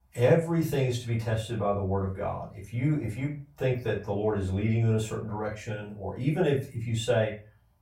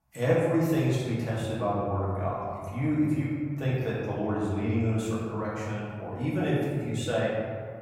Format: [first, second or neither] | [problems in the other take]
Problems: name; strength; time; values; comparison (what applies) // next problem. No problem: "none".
first | room echo; strong; dies away in 1.9 s; slight in the first // off-mic speech; far; far in the first